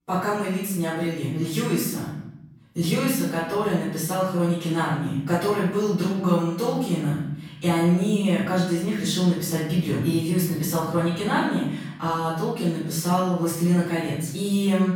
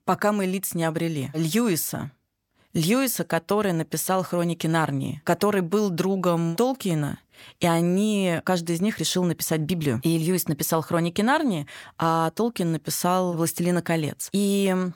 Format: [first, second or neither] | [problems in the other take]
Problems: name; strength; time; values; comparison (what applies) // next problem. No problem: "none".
second | off-mic speech; far // room echo; noticeable; dies away in 0.8 s